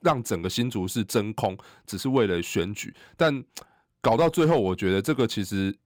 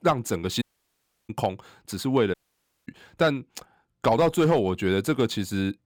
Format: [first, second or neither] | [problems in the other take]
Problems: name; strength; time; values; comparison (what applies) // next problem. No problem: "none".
first | audio cutting out; at 0.5 s for 0.5 s and at 2.5 s for 0.5 s